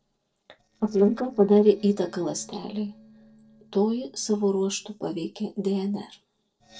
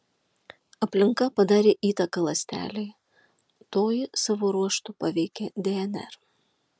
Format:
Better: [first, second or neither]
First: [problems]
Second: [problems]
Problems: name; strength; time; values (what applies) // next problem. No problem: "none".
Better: second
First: noise reduction (neural separator model SepFormer DNS4)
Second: none